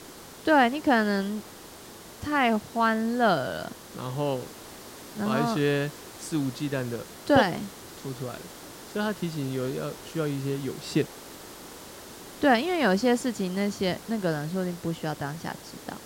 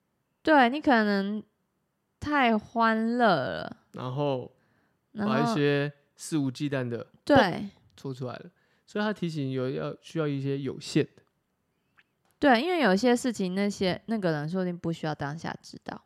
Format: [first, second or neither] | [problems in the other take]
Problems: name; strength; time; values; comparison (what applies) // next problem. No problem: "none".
second | hiss; noticeable; throughout; 15 dB below the speech